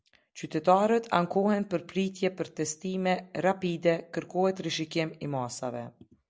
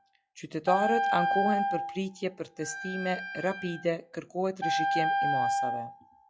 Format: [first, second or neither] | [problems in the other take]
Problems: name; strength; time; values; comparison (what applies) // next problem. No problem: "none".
first | noise reduction (classical method log-MMSE)